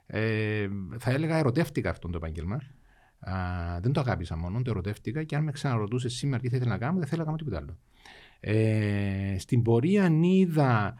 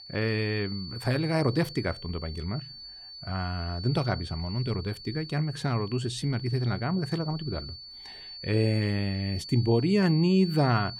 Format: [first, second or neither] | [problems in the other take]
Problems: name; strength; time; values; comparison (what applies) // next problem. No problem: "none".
first | high-pitched whine; noticeable; throughout; 4.5 kHz, 10 dB below the speech